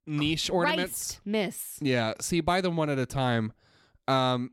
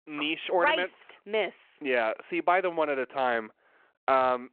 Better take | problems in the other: first | phone-call audio

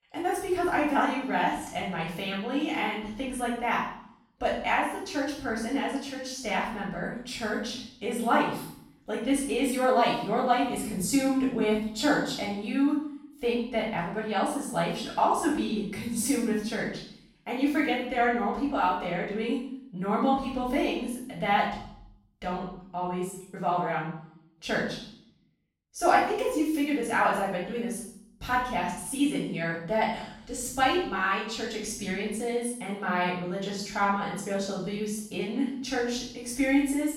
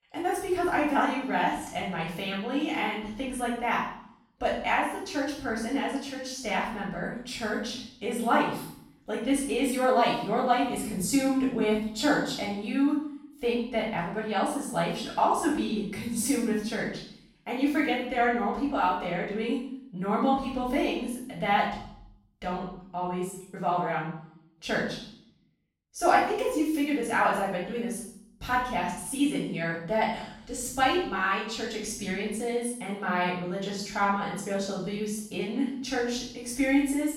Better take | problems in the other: neither | off-mic speech; far; the same in both // room echo; noticeable; dies away in 0.6 s; the same in both

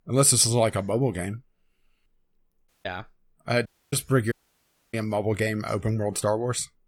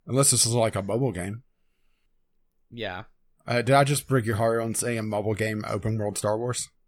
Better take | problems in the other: second | audio cutting out; at 2.5 s, at 3.5 s and at 4.5 s for 0.5 s

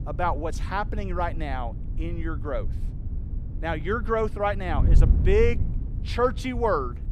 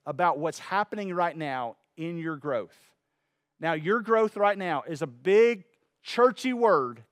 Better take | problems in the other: second | wind noise on the microphone; occasional gusts; 15 dB below the speech

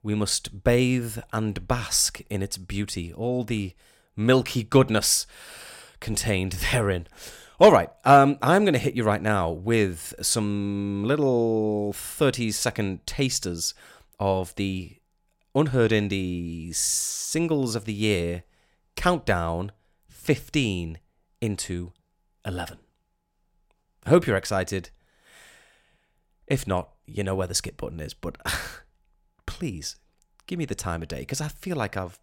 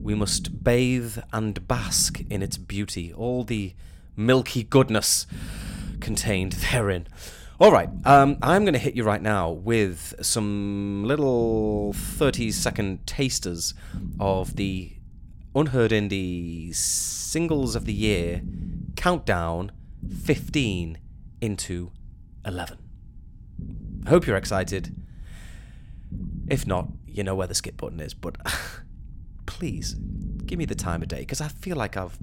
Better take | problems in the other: first | low rumble; faint; throughout; 20 dB below the speech

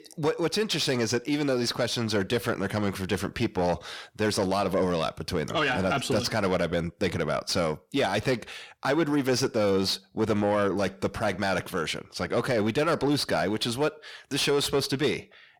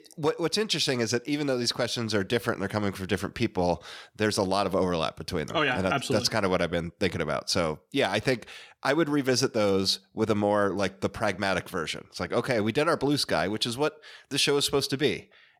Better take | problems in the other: second | distortion; slight; 10 dB below the speech

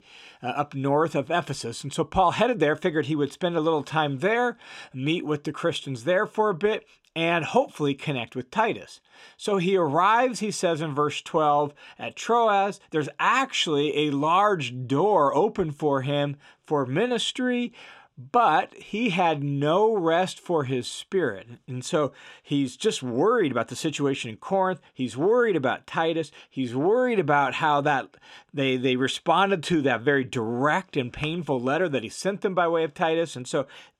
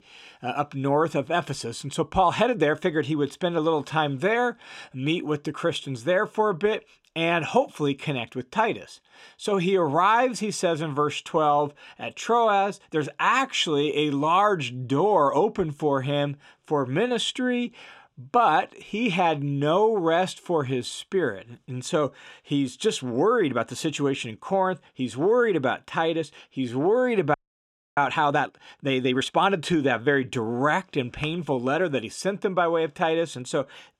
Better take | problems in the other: first | audio freezing; at 27 s for 0.5 s

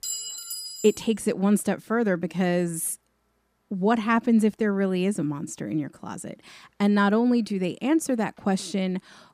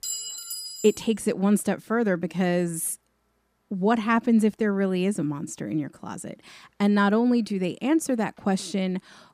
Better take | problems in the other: neither | clattering dishes; noticeable; at the start; peak 5 dB below the speech; the same in both

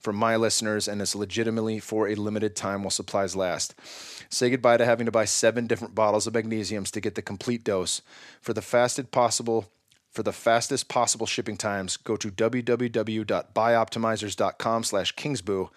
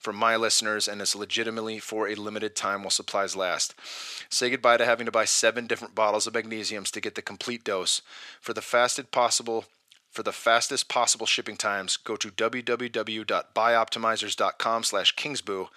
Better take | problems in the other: first | thin; somewhat; fading below 600 Hz

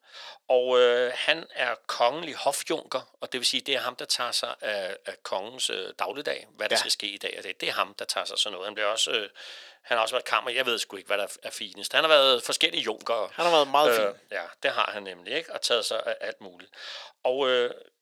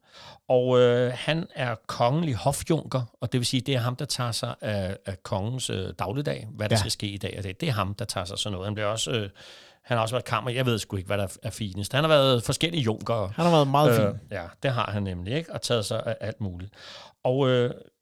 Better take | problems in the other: second | thin; very; fading below 400 Hz

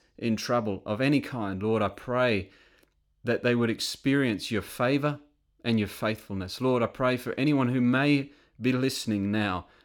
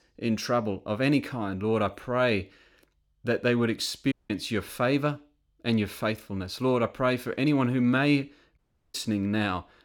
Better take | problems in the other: first | audio cutting out; at 4 s and at 8.5 s

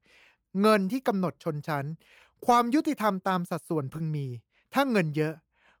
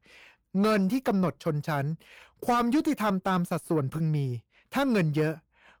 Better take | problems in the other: first | distortion; heavy; 8 dB below the speech

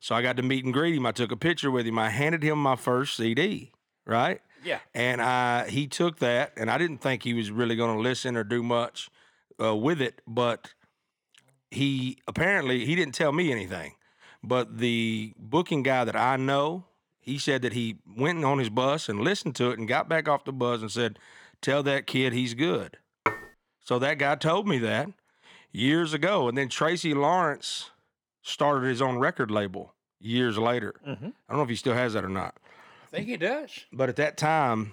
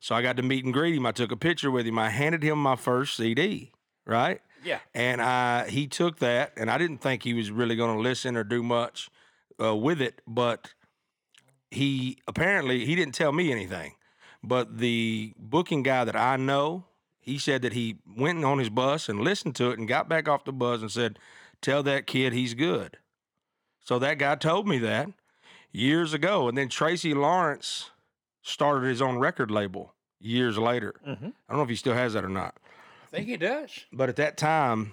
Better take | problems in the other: second | clattering dishes; noticeable; at 23 s; peak 3 dB below the speech

